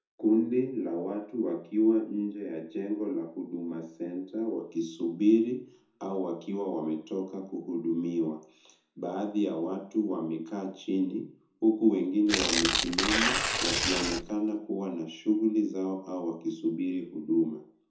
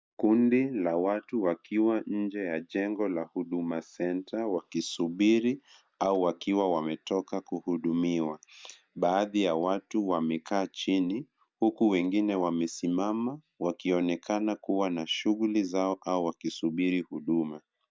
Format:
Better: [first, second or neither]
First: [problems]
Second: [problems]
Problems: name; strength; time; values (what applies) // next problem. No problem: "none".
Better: second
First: background sound (Tearing); 1 dB above the speech // room echo; dies away in 0.5 s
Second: none